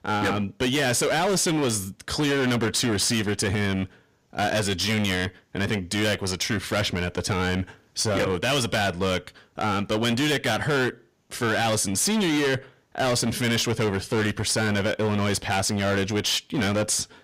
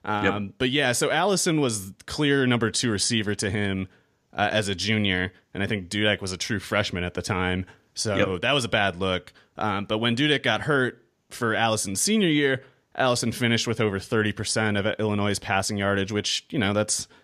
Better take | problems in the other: second | distortion; heavy; 21% of the sound clipped

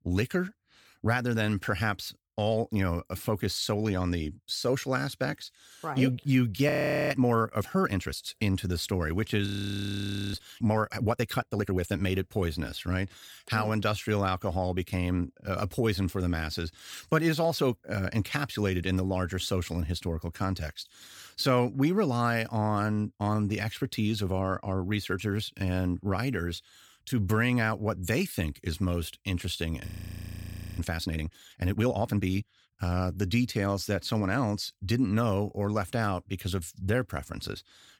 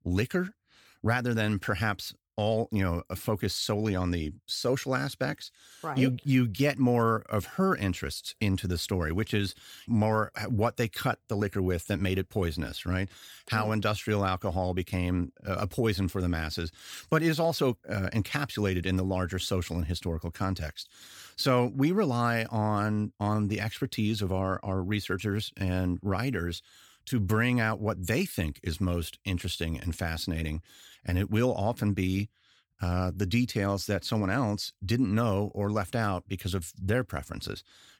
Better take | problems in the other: second | audio freezing; at 6.5 s, at 9.5 s for 1 s and at 30 s for 1 s

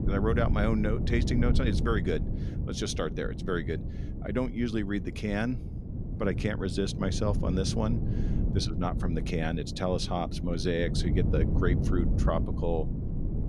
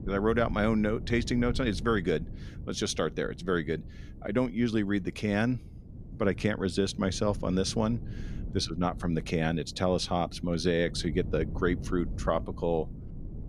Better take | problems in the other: second | wind noise on the microphone; heavy; 9 dB below the speech; occasional gusts in the second

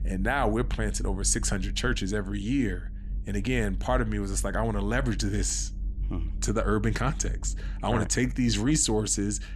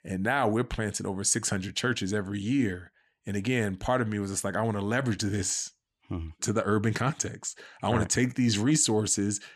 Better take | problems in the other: second | low rumble; faint; throughout; 25 dB below the speech

